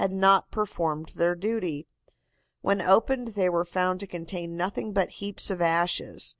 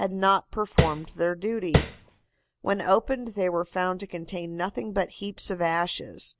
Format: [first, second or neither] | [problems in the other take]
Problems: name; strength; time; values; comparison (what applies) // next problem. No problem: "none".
first | background sound (Tap); 3 dB above the speech